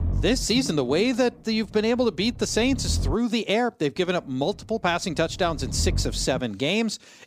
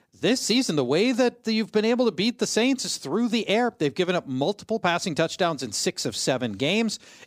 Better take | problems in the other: second | low rumble; faint; until 3 s and from 4 to 6.5 s; 20 dB below the speech

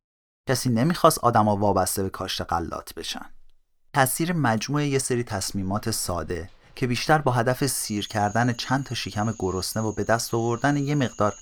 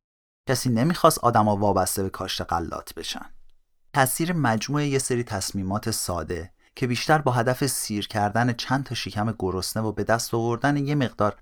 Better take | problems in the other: second | animal sounds; faint; from 5 s on; 20 dB below the speech

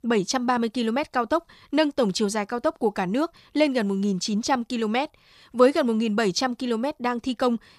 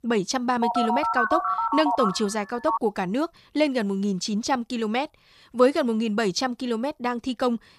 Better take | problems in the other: first | phone ringing; loud; from 0.5 to 3 s; peak 1 dB above the speech

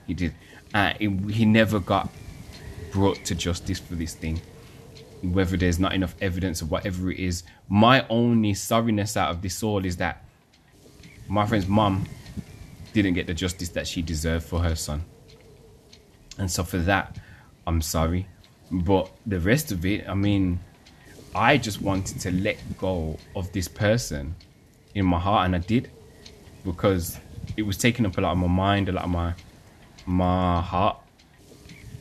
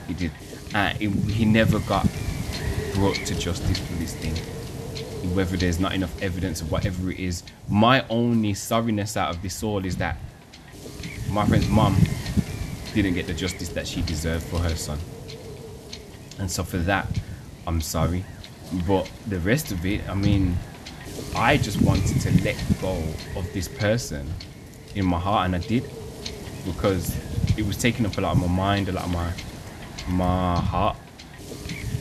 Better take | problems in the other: first | wind noise on the microphone; heavy; 9 dB below the speech; occasional gusts in the first

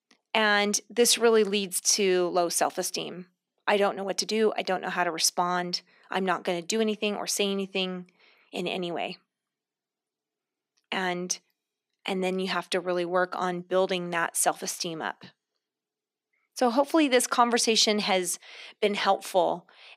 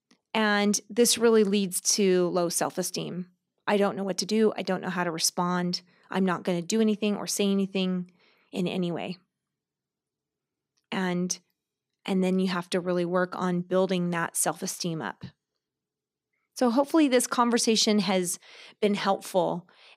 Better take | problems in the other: second | thin; somewhat; fading below 300 Hz

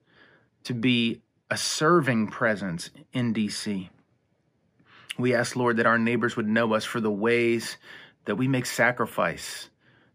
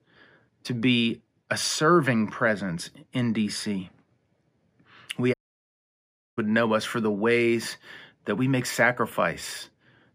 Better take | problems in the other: first | audio cutting out; at 5.5 s for 1 s

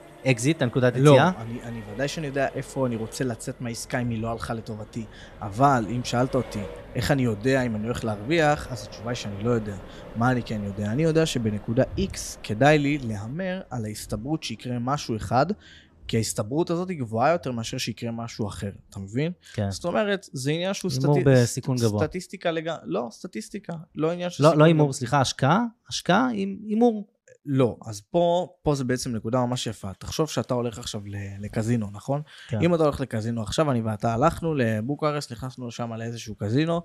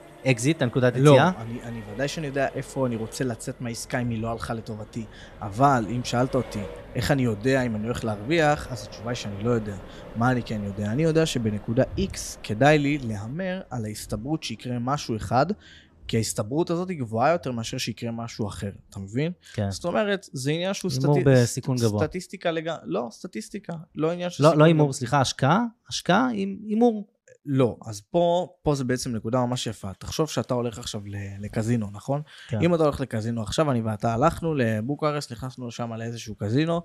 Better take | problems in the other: neither | traffic noise; faint; throughout; 20 dB below the speech; the same in both

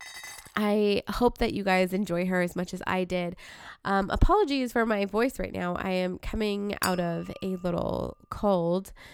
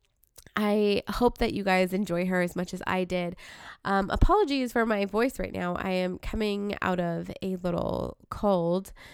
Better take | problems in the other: second | clattering dishes; faint; at the start; peak 10 dB below the speech // clattering dishes; noticeable; at 7 s; peak 7 dB below the speech

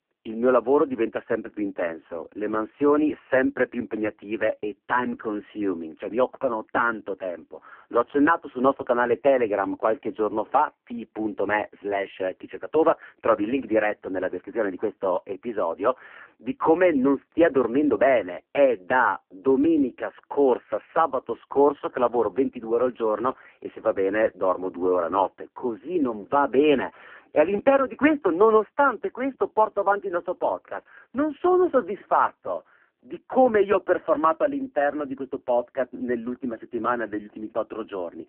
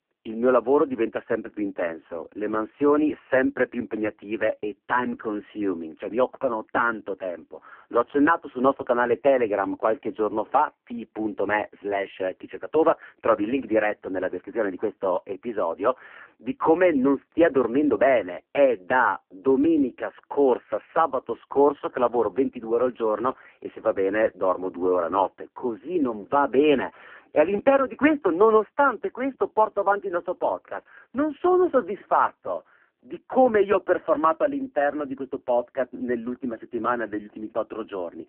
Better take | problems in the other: neither | phone-call audio; poor line; the same in both

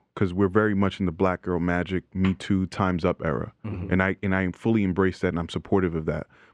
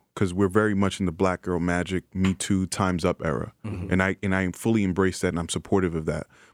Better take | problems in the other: second | muffled; slightly; fading above 3 kHz

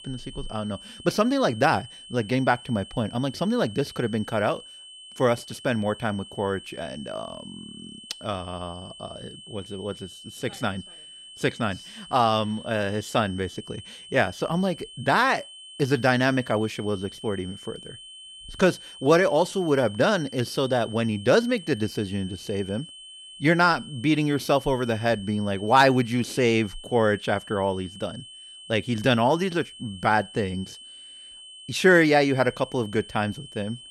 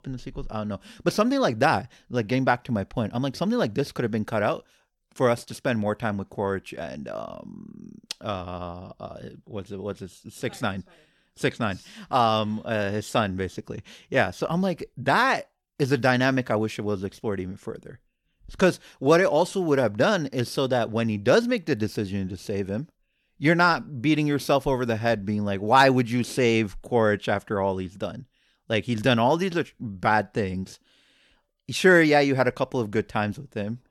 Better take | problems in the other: second | high-pitched whine; noticeable; throughout; 3 kHz, 15 dB below the speech

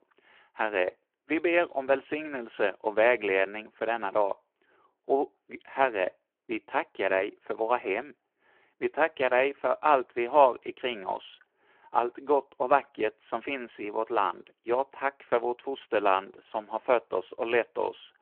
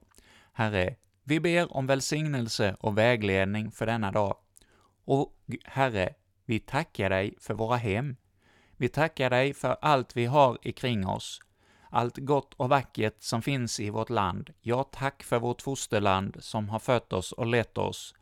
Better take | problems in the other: second | phone-call audio

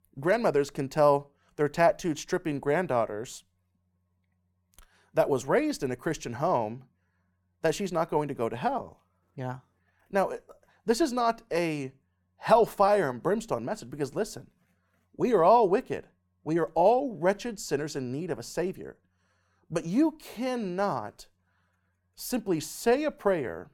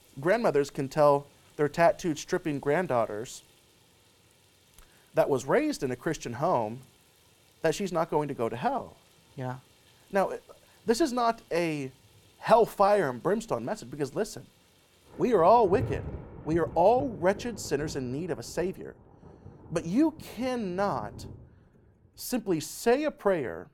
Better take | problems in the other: first | rain or running water; noticeable; throughout; 20 dB below the speech

